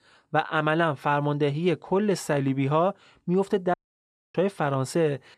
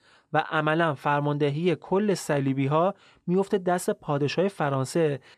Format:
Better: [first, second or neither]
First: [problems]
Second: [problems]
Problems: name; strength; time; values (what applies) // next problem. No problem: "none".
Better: second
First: audio cutting out; at 3.5 s for 0.5 s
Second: none